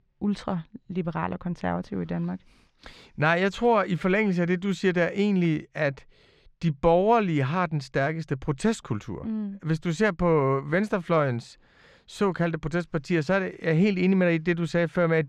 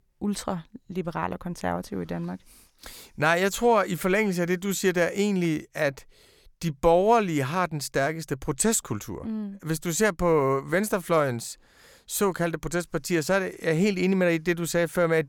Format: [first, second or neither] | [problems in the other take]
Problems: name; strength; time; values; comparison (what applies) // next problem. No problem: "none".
second | muffled; slightly; fading above 3 kHz